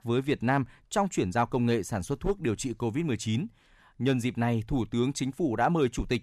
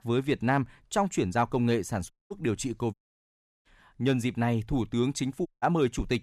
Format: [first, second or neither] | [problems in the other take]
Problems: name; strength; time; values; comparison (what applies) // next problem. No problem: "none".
first | audio cutting out; at 2 s, at 3 s for 0.5 s and at 5.5 s